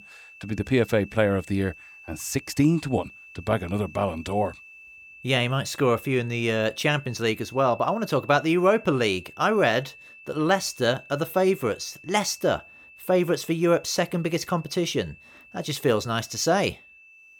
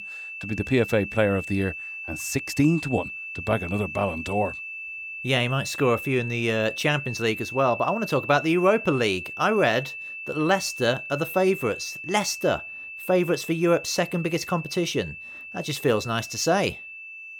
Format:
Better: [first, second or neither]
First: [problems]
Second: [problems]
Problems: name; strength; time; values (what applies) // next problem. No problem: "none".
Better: first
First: high-pitched whine; faint; throughout; 2.5 kHz, 20 dB below the speech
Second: high-pitched whine; loud; throughout; 2.5 kHz, 9 dB below the speech